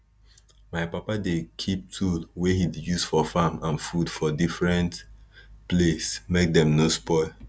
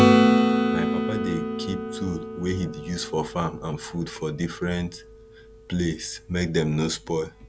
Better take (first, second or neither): first